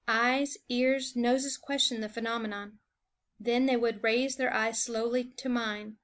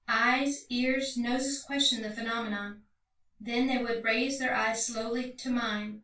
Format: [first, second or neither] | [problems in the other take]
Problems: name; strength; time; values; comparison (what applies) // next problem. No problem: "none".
first | room echo; dies away in 0.2 s